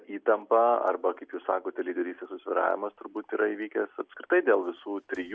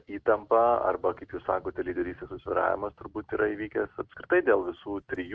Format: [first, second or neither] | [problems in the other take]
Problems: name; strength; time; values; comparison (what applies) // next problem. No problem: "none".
first | noise reduction (neural mask model RNNoise)